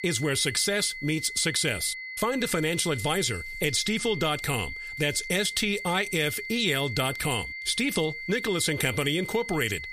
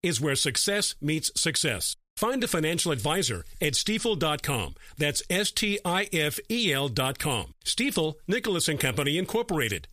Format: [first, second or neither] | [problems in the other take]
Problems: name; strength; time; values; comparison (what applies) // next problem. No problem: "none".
second | high-pitched whine; loud; throughout; 2 kHz, 9 dB below the speech